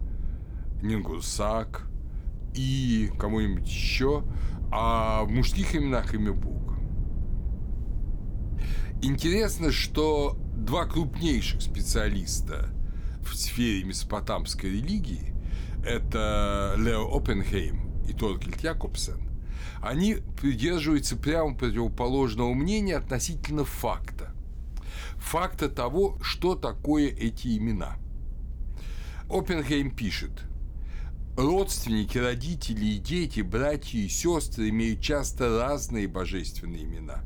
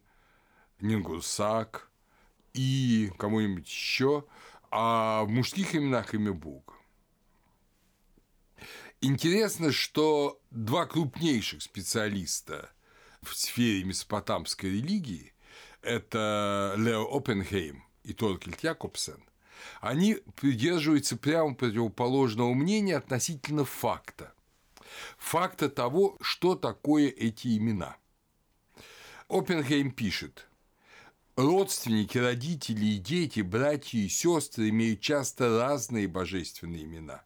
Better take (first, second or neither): second